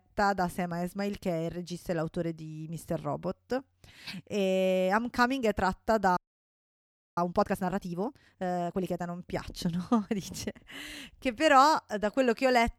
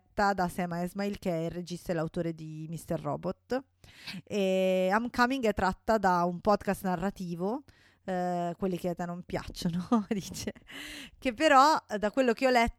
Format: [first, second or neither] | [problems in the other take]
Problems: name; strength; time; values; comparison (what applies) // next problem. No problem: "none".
second | audio freezing; at 6 s for 1 s